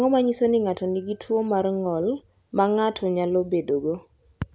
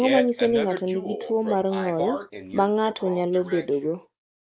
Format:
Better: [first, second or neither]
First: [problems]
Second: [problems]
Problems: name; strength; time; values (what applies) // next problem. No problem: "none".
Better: first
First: none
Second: noise reduction (neural mask model Resemble Enhance denoiser)